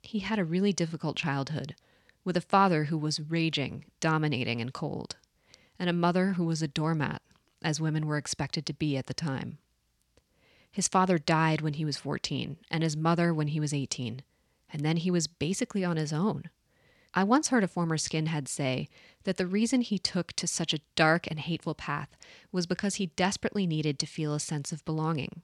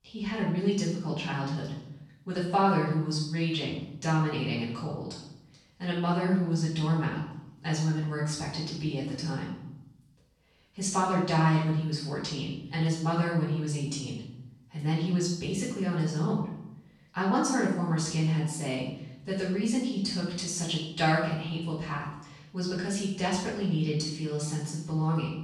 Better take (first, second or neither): first